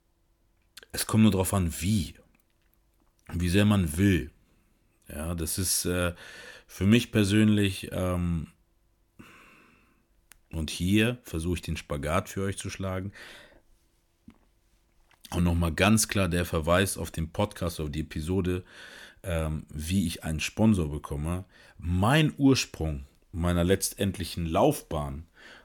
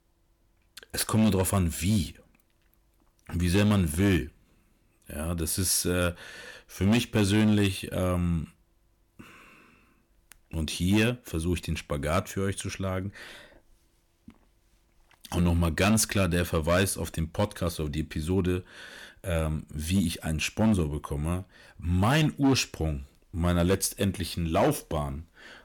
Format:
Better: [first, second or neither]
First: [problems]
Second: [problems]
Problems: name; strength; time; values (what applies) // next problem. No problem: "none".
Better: first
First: none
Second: distortion; slight; 4% of the sound clipped